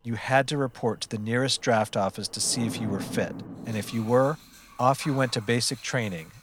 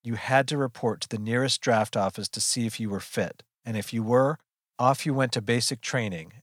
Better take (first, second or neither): second